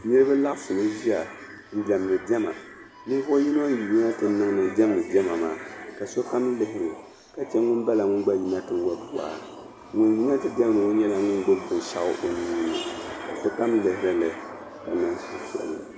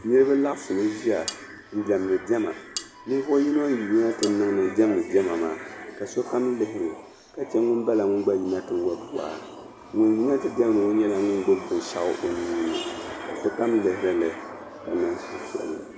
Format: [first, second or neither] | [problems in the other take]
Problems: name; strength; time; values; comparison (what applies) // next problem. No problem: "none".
first | background sound (Cutlery, silverware); 13 dB below the speech